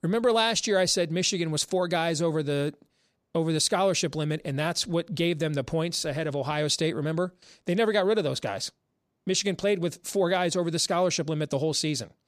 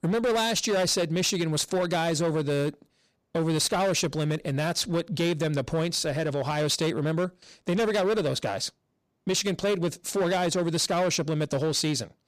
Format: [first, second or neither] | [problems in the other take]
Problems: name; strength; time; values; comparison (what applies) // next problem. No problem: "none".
first | distortion; slight; 15% of the sound clipped